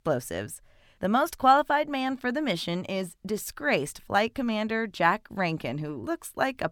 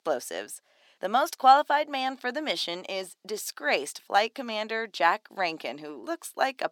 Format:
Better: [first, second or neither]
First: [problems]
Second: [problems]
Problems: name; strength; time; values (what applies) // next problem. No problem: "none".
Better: first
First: none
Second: thin; somewhat; fading below 300 Hz